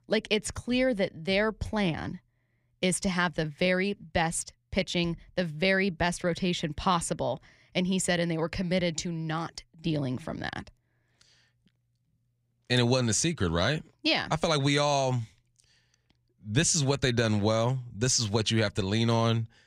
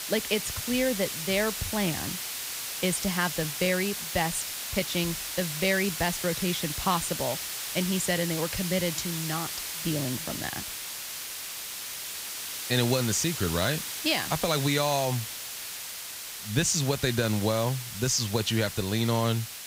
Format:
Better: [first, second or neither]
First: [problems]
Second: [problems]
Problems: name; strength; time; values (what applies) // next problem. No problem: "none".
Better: first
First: none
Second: hiss; loud; throughout; 4 dB below the speech